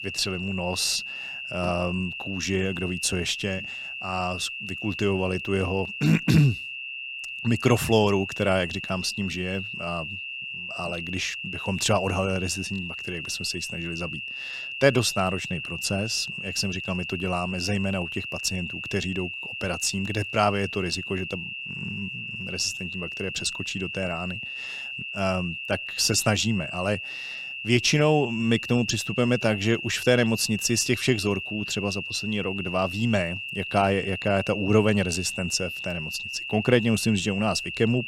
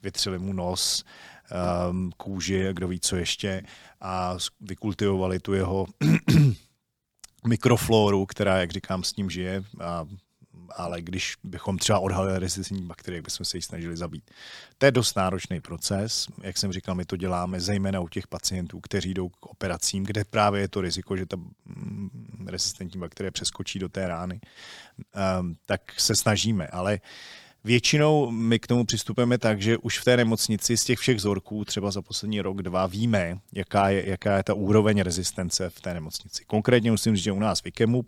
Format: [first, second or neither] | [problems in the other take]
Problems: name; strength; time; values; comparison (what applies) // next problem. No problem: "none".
second | high-pitched whine; loud; throughout; 2.5 kHz, 6 dB below the speech